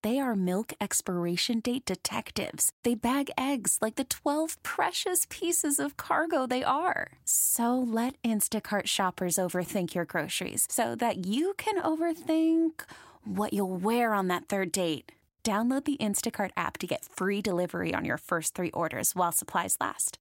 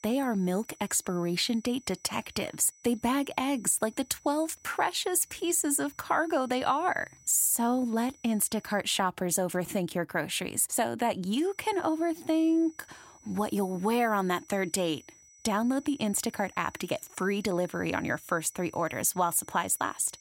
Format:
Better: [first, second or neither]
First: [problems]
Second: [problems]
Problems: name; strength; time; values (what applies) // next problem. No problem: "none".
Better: first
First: none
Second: high-pitched whine; faint; until 9 s and from 11 s on; 6 kHz, 25 dB below the speech